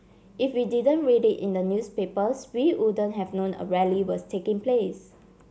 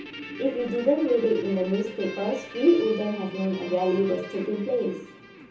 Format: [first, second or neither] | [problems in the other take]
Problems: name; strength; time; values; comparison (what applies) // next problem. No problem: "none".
first | background sound (Guitar); 15 dB below the speech // room echo; dies away in 0.7 s